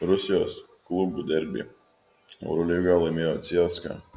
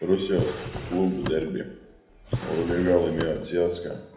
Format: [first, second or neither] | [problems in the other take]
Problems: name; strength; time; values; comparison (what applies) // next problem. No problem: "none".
first | background sound (Drawer open or close); 9 dB below the speech // room echo; dies away in 0.7 s